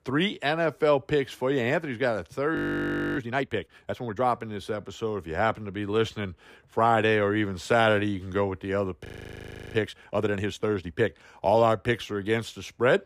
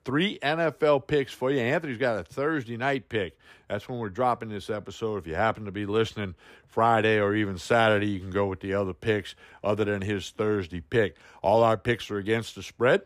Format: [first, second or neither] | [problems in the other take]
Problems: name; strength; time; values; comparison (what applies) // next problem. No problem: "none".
second | audio freezing; at 2.5 s for 0.5 s and at 9 s for 0.5 s